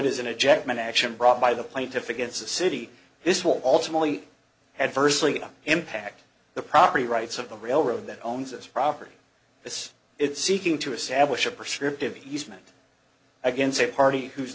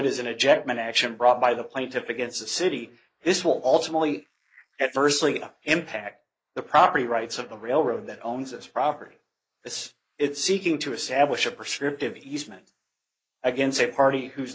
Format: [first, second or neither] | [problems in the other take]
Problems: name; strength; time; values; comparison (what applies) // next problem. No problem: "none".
first | noise reduction (neural mask model Resemble Enhance denoiser)